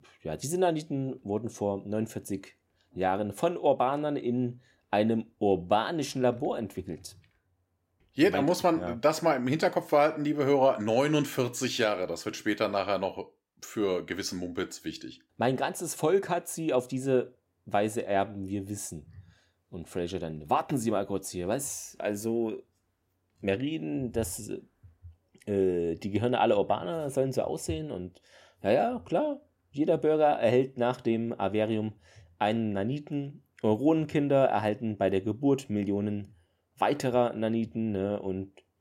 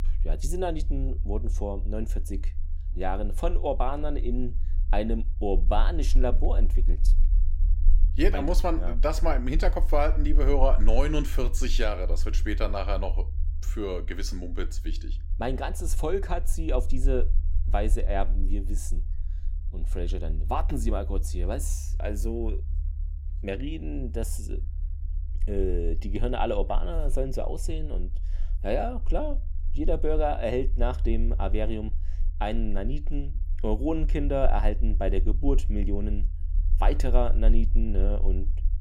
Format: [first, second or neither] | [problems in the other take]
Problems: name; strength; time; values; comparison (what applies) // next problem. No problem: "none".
first | low rumble; faint; throughout; 20 dB below the speech